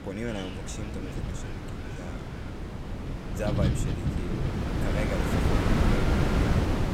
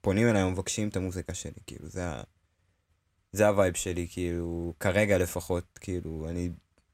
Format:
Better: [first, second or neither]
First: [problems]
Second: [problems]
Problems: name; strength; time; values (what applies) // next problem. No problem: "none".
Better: second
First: wind noise on the microphone; heavy; 5 dB above the speech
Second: none